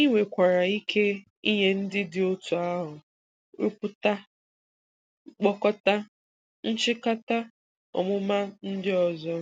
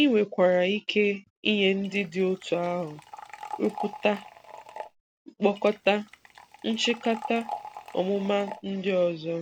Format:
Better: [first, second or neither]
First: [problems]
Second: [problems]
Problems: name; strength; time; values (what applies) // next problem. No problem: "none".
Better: first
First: none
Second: background sound (Liquid); 15 dB below the speech